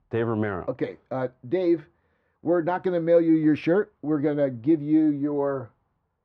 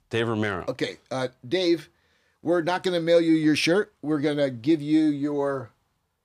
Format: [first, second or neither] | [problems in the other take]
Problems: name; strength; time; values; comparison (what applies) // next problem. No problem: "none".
second | muffled; very; fading above 3.5 kHz